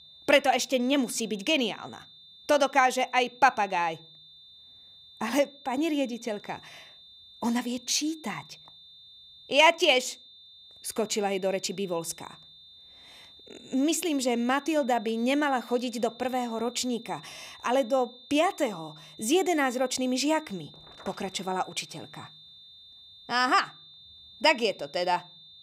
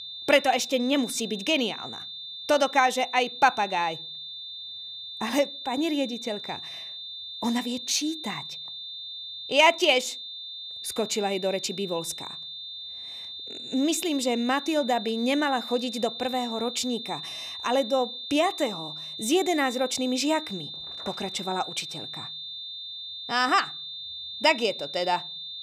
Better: first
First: high-pitched whine; faint; throughout; 3.5 kHz, 20 dB below the speech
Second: high-pitched whine; loud; throughout; 3.5 kHz, 9 dB below the speech

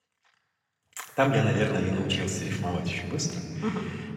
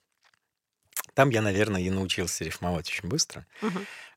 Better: second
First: room echo; noticeable; dies away in 3 s // off-mic speech; far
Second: none

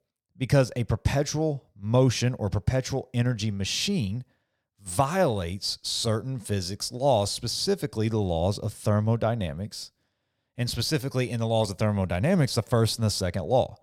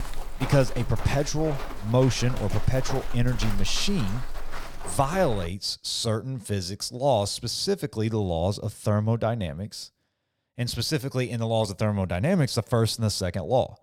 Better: first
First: none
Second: footsteps; noticeable; until 5.5 s; peak 8 dB below the speech

